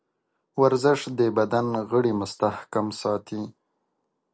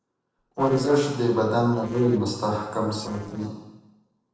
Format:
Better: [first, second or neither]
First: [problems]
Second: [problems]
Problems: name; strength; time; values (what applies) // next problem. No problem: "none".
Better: first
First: none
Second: noise reduction (neural separator model SepFormer DNS4)